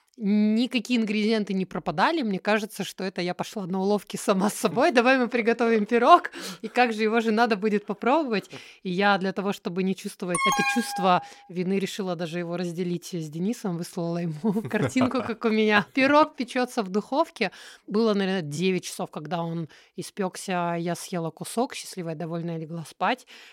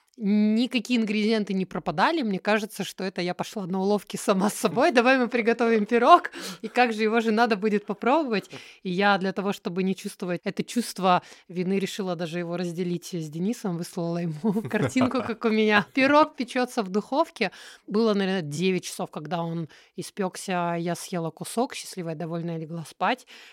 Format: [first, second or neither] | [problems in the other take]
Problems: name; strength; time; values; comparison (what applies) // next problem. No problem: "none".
second | alarm; loud; at 10 s; peak 3 dB above the speech